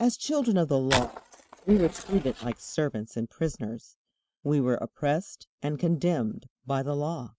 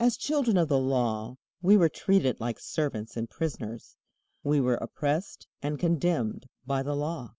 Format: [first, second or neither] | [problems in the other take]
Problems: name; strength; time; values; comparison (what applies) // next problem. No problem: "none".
second | noise reduction (neural mask model RNNoise)